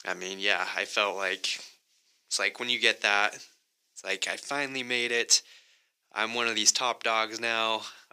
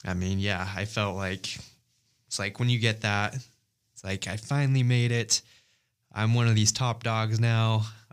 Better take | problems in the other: second | thin; very; fading below 350 Hz

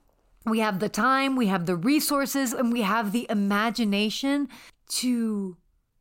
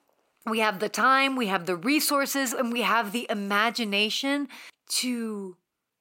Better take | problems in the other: first | thin; very slightly; fading below 300 Hz

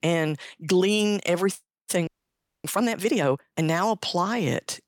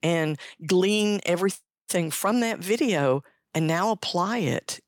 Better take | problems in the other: second | audio freezing; at 2 s for 0.5 s

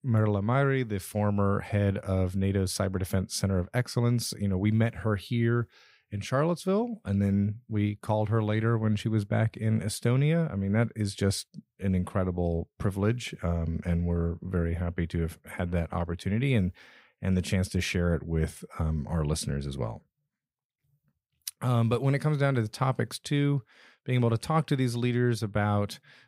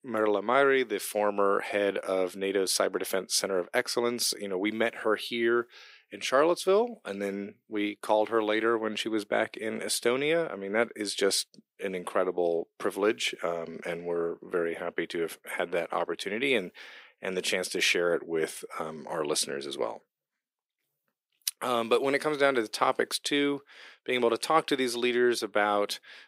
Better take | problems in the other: first | thin; very; fading below 350 Hz

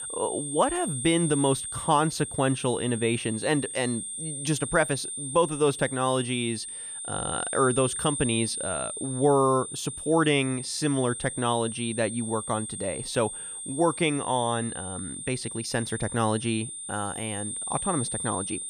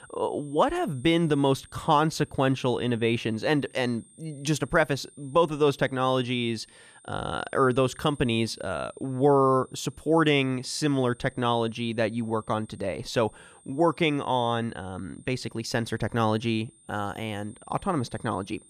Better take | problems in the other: second | high-pitched whine; loud; throughout; 9 kHz, 6 dB below the speech; faint in the second

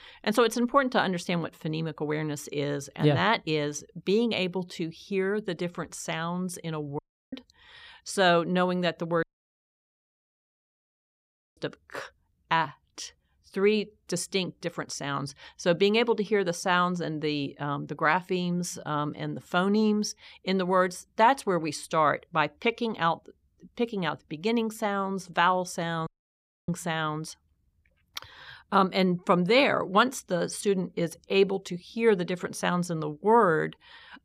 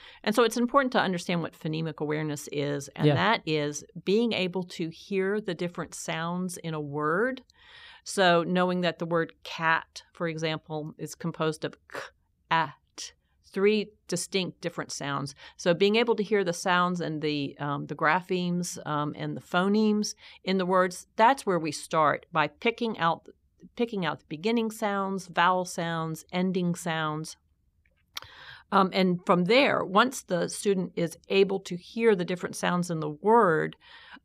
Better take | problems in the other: second | audio cutting out; at 7 s, at 9 s for 2.5 s and at 26 s for 0.5 s

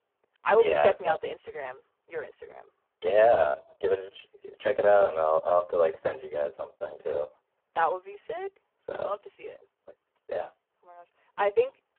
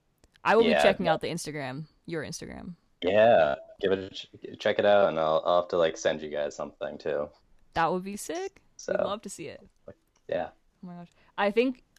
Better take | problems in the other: second | phone-call audio; poor line

